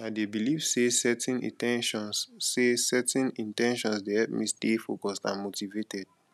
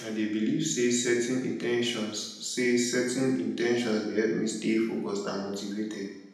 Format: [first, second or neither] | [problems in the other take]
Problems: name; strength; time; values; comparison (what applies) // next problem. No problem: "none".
first | room echo; dies away in 0.9 s